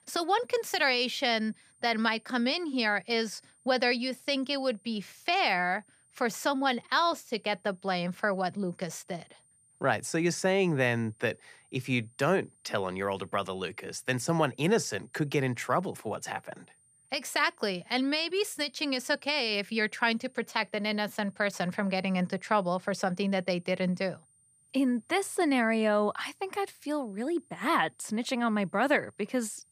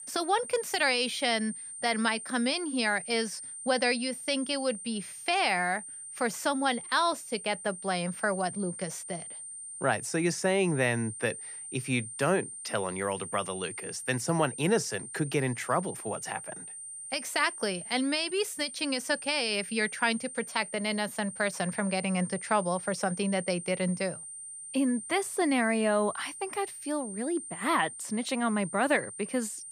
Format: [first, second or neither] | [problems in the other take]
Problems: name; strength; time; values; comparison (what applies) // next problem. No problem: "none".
first | high-pitched whine; loud; throughout; 9 kHz, 10 dB below the speech; faint in the first